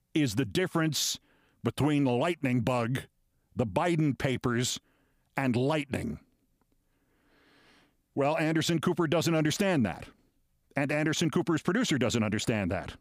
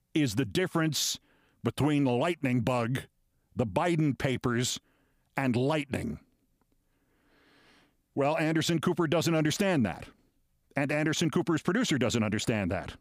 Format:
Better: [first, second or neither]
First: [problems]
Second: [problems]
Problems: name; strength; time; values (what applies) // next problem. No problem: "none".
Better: neither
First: none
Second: none